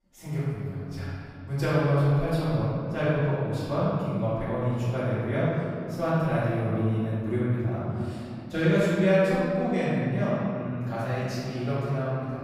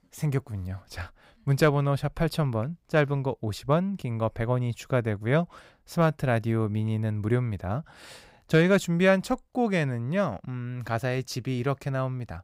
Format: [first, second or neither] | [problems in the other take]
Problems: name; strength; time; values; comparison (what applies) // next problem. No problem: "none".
second | off-mic speech; far // room echo; strong; dies away in 2.8 s